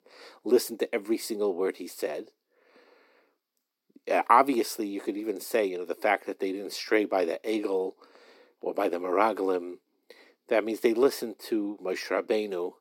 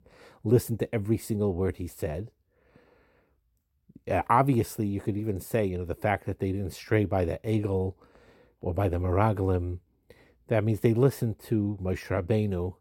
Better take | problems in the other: second | thin; somewhat; fading below 300 Hz

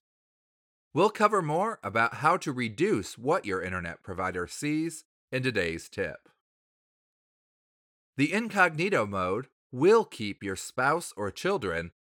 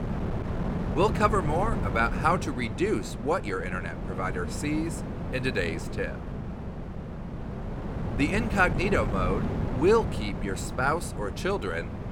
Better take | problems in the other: first | wind noise on the microphone; occasional gusts; 10 dB below the speech

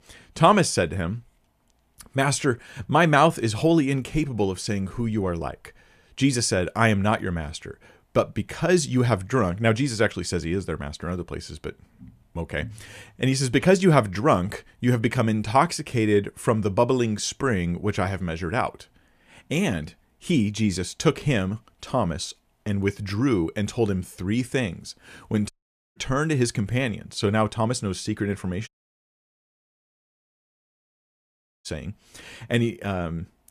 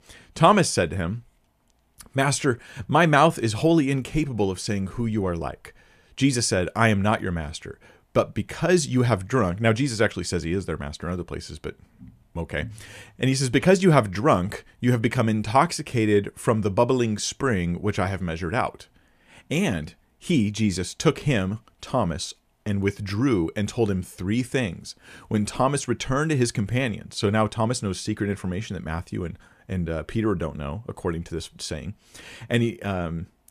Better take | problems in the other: second | audio cutting out; at 26 s and at 29 s for 3 s

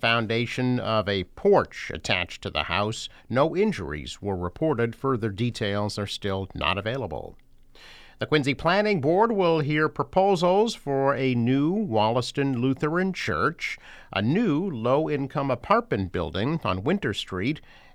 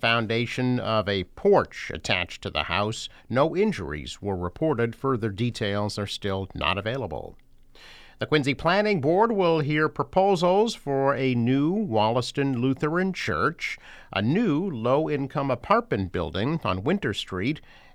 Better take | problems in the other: neither | none

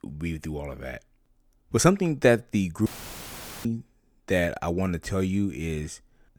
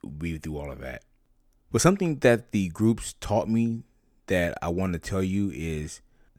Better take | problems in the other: second | audio cutting out; filled with static; at 3 s for 1 s

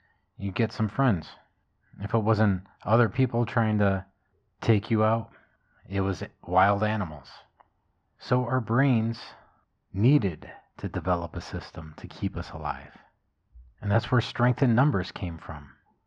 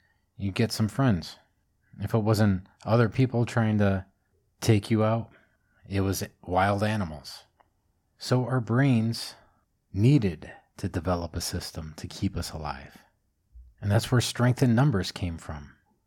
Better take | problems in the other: second | muffled; slightly; fading above 3.5 kHz

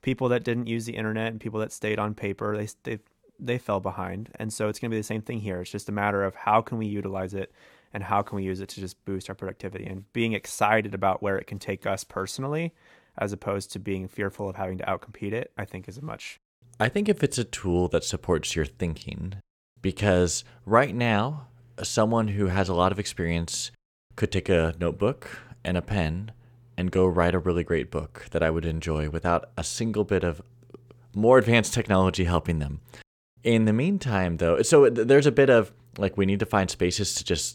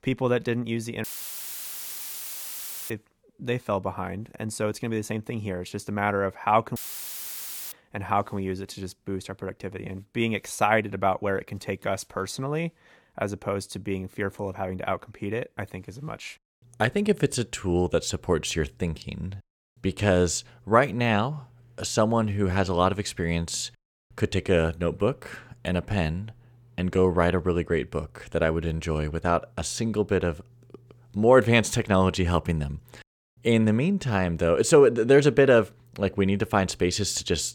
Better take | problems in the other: first | audio cutting out; filled with static; at 1 s for 2 s and at 7 s for 1 s

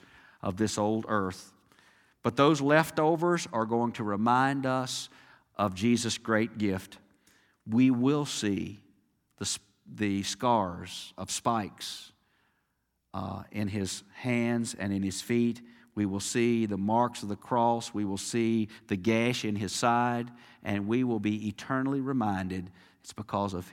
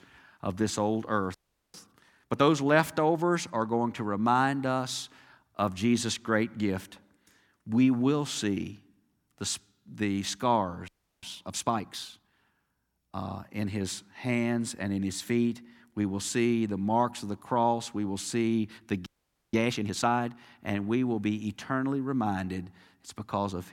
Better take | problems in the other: first | audio freezing; at 1.5 s, at 11 s and at 19 s

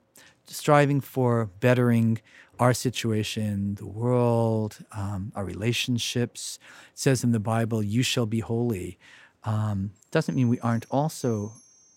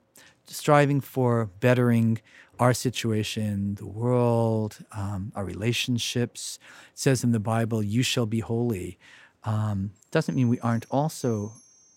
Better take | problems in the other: neither | none

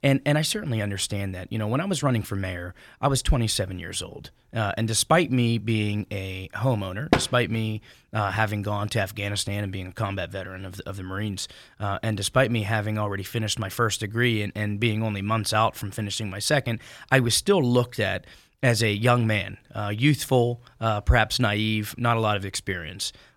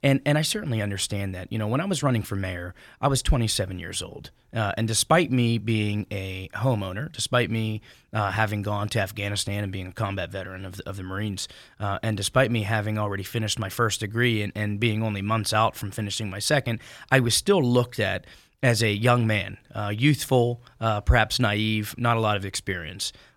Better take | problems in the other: second | door banging; loud; at 7 s; peak level with the speech

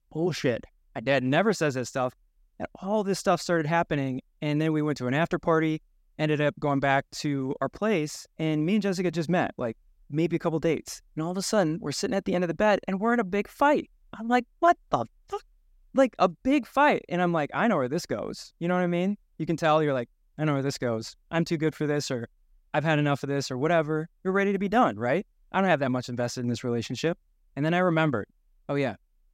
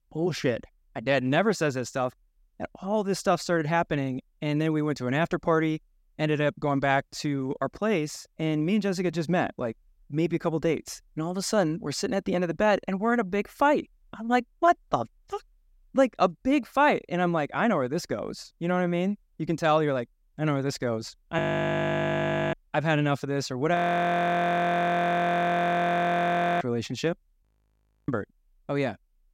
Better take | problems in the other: first | audio freezing; at 21 s for 1 s, at 24 s for 3 s and at 27 s for 0.5 s

